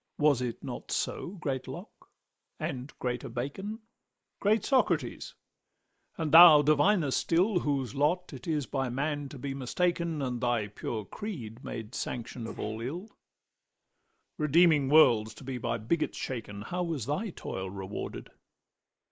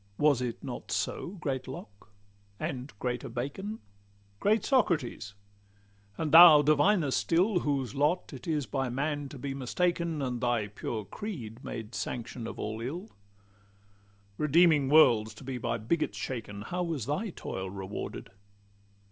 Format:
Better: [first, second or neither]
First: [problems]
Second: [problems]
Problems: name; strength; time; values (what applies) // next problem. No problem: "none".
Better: second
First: noise reduction (neural mask model Resemble Enhance denoiser)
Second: none